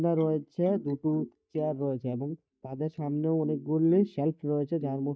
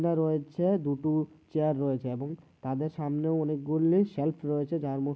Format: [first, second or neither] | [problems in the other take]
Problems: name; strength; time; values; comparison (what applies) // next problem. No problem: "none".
second | noise reduction (neural mask model DeepFilterNet 3)